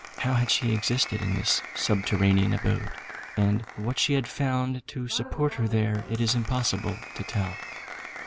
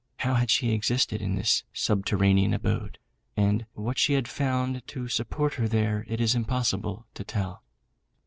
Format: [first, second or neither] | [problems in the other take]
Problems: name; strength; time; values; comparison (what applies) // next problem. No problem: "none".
second | background sound (Applause); 14 dB below the speech